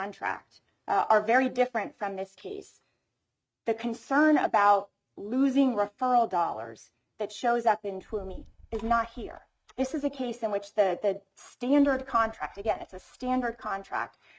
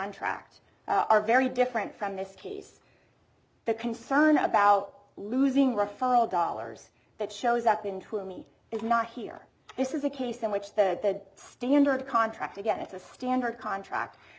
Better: second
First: noise reduction (neural mask model RNNoise)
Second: none

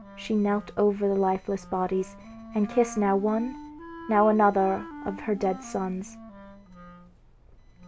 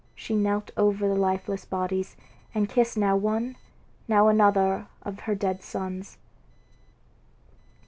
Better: second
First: background sound (Wind instrument, woodwind instrument); 17 dB below the speech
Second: none

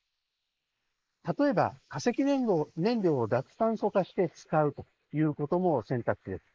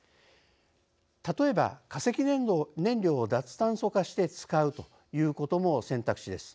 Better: second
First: noise reduction (neural mask model Resemble Enhance denoiser)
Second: none

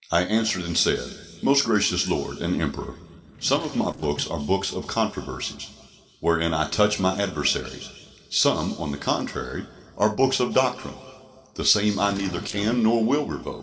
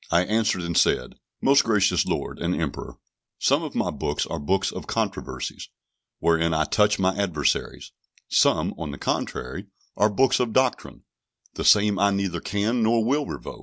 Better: second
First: noise reduction (neural separator model SepFormer DNS4)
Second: none

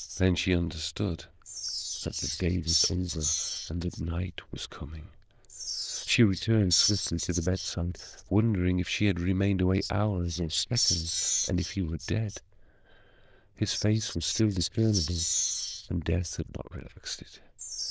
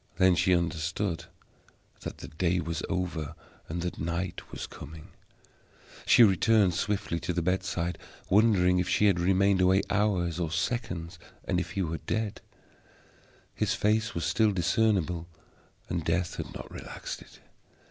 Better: second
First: noise reduction (neural diffusion model UNIVERSE++)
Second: none

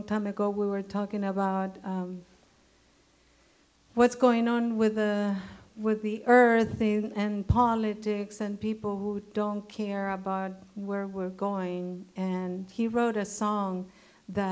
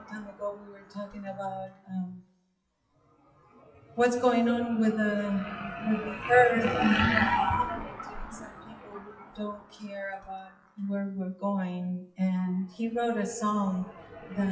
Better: first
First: none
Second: noise reduction (classical method WPE with log-MMSE)

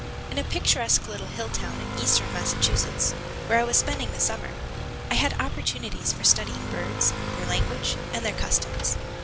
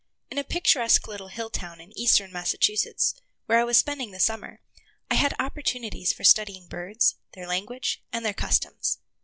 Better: second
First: background sound (Motorcycle / Accelerating, revving, vroom); 3 dB below the speech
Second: none

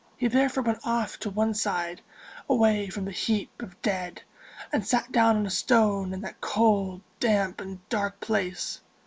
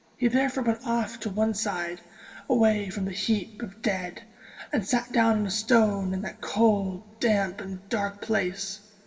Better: first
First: none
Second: room echo; dies away in 2.9 s

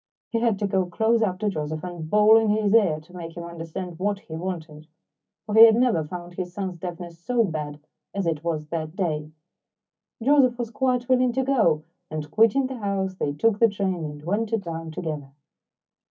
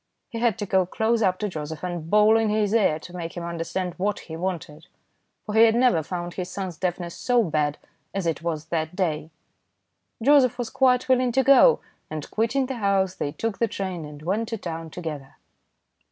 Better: second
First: noise reduction (neural mask model DeepFilterNet 3)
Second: none

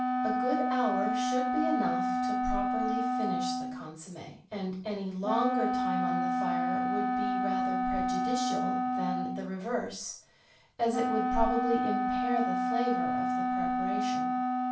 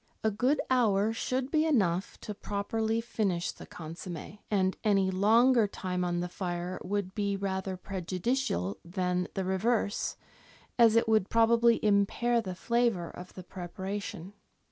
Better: second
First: background sound (Wind instrument, woodwind instrument); 4 dB above the speech // room echo; dies away in 0.3 s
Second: none

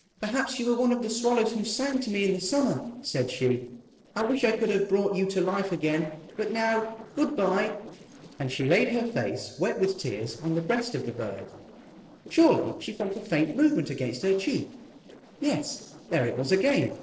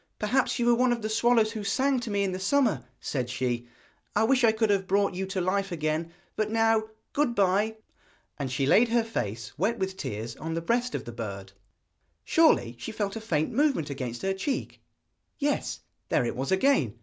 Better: second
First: noise reduction (neural separator model SepFormer DNS4)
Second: none

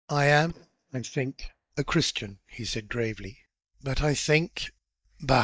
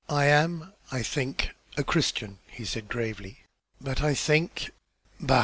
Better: second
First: noise reduction (neural mask model DeepFilterNet 3)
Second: none

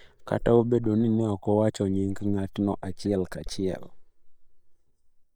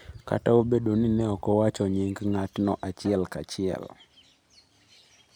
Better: second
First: noise reduction (neural mask model DeepFilterNet 3)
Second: none

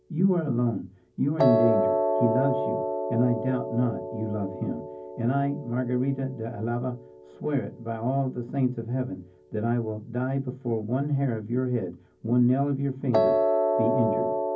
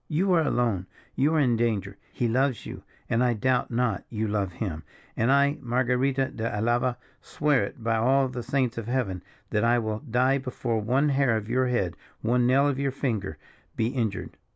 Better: second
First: background sound (Piano); 3 dB below the speech // room echo; dies away in 0.3 s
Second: none

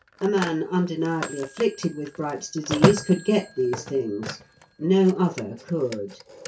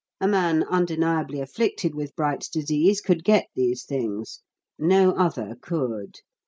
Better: second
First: background sound (Telephone); 7 dB below the speech // room echo; dies away in 0.2 s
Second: none

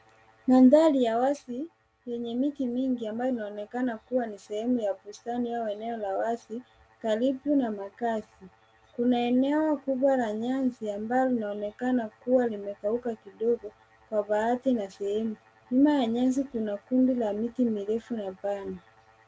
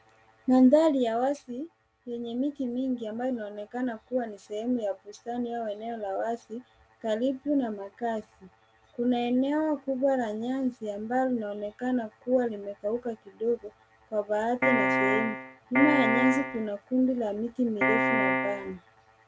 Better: first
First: none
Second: background sound (Piano); 2 dB above the speech

